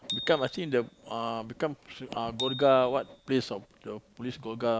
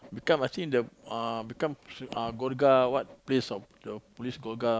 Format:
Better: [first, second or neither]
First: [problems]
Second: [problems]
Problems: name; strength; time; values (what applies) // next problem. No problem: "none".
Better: second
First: background sound (Bicycle bell); 14 dB below the speech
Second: none